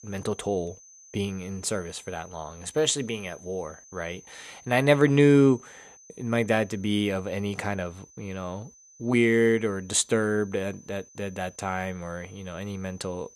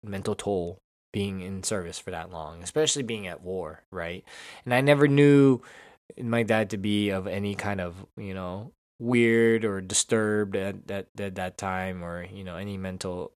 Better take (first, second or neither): second